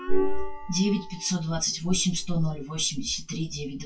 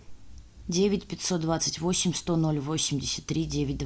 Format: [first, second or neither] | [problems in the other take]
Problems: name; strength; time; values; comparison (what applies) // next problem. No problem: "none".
second | noise reduction (classical method WPE with log-MMSE)